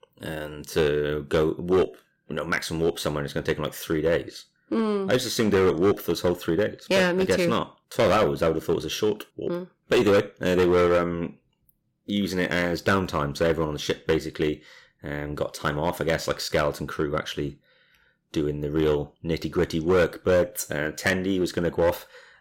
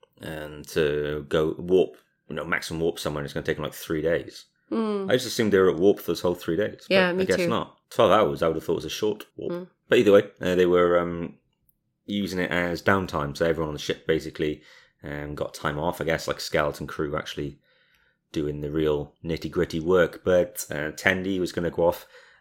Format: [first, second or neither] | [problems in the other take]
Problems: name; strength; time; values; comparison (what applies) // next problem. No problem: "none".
second | distortion; slight; 5% of the sound clipped